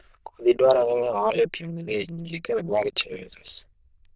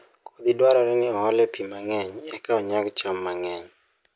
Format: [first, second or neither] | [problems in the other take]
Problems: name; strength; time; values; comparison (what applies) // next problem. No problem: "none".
second | noise reduction (neural diffusion model UNIVERSE++)